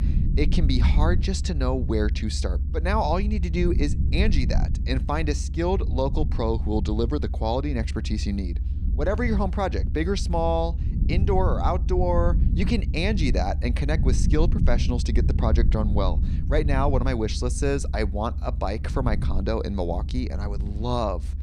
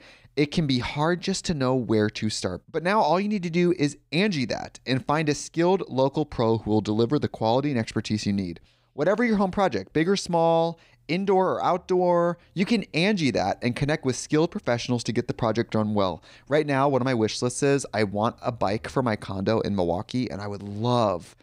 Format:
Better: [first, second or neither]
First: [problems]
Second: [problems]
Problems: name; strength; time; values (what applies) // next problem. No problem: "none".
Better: second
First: low rumble; noticeable; throughout; 15 dB below the speech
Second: none